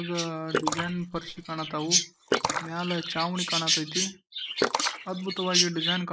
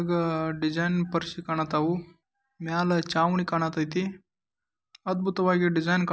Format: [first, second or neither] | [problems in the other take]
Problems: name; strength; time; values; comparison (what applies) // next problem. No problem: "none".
second | noise reduction (neural mask model Resemble Enhance denoiser)